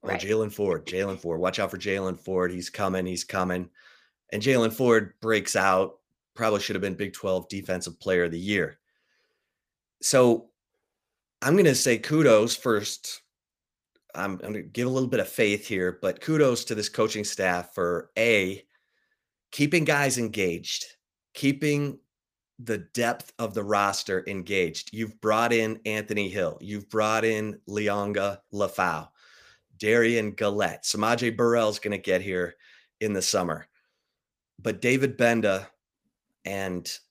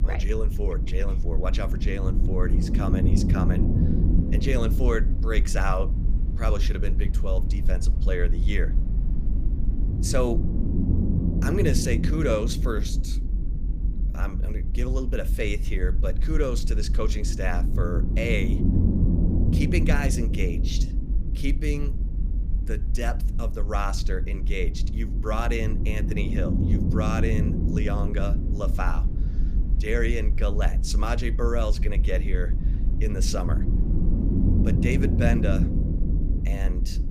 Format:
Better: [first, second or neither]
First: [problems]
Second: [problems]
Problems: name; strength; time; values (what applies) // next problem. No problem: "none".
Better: first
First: none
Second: low rumble; loud; throughout; 6 dB below the speech